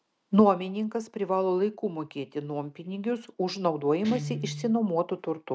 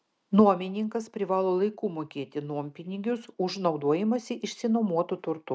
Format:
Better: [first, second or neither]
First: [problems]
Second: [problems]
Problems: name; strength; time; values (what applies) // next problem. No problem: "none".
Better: second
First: background sound (Guitar); 16 dB below the speech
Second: none